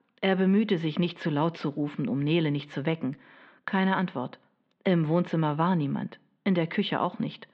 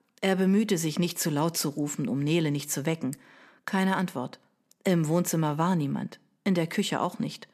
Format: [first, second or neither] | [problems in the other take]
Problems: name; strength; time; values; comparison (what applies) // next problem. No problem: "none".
second | muffled; very; fading above 3.5 kHz